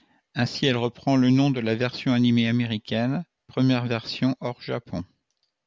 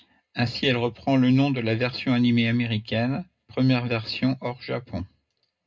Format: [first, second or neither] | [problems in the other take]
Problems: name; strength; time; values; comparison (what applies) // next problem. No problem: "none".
first | room echo; dies away in 0.2 s